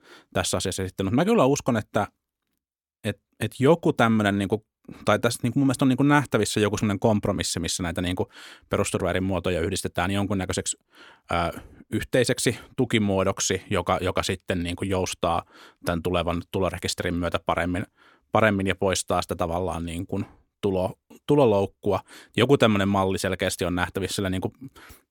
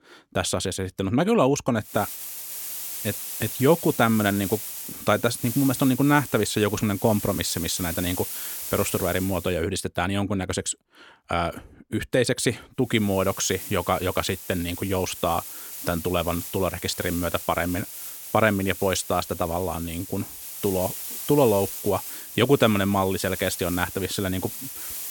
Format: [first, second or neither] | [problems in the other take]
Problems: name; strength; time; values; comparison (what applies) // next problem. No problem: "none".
first | hiss; loud; from 2 to 9.5 s and from 13 s on; 8 dB below the speech